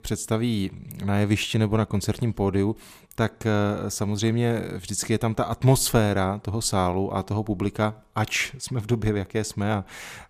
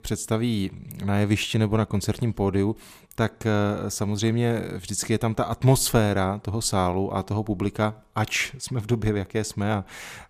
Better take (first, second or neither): neither